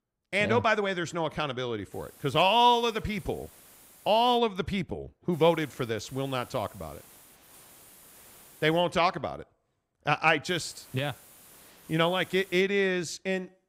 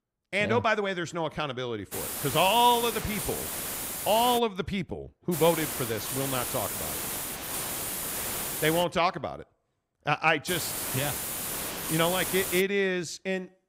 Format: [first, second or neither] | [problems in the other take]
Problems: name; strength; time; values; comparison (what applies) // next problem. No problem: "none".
first | hiss; loud; from 2 to 4.5 s, from 5.5 to 9 s and from 10 to 13 s; 4 dB below the speech; faint in the first